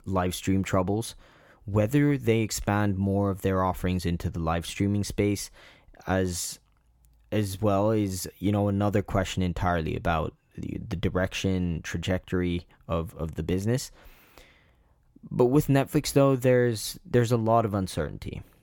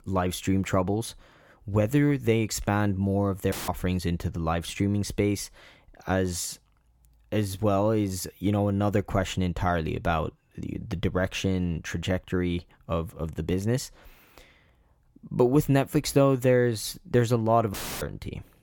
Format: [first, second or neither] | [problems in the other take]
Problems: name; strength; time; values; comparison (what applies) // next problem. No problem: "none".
first | audio cutting out; filled with static; at 3.5 s and at 18 s